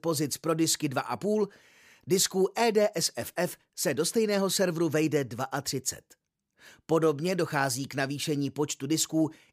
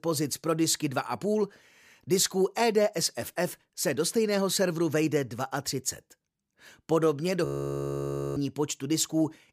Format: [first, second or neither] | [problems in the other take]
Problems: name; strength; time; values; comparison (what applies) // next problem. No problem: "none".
first | audio freezing; at 7.5 s for 1 s